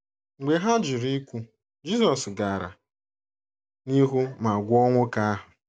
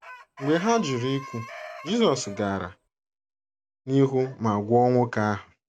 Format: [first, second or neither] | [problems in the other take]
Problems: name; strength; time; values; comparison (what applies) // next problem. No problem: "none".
first | background sound (Chicken, rooster); 15 dB below the speech